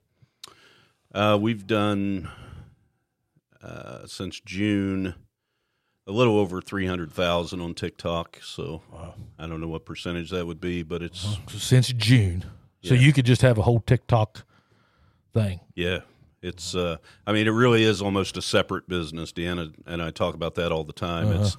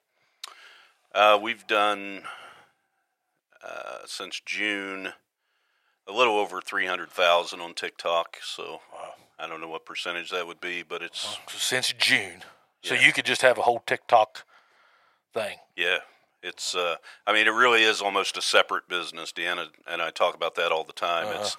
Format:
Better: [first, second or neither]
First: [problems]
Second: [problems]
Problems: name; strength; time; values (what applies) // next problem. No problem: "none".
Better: first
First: none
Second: thin; very; fading below 750 Hz